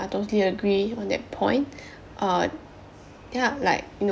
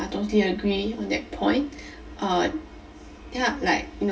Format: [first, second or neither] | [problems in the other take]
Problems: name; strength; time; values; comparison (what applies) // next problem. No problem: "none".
first | room echo; dies away in 0.1 s